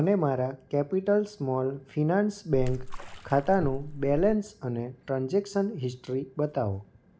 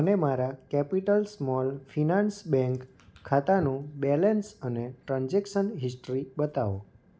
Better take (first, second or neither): second